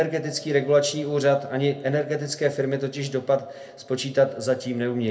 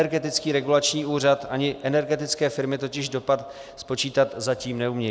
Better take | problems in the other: second | room echo; dies away in 0.3 s

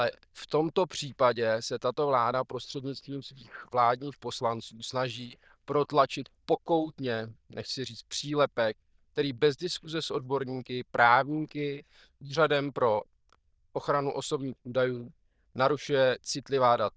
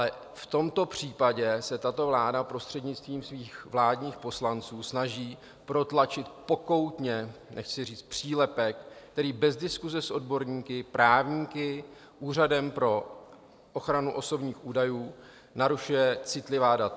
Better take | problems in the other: second | noise reduction (neural diffusion model UNIVERSE++)

